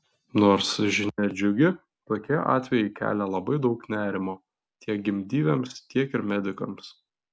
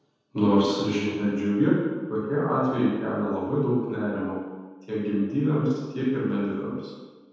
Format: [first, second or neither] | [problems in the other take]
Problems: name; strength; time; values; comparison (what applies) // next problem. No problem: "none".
first | room echo; dies away in 1.2 s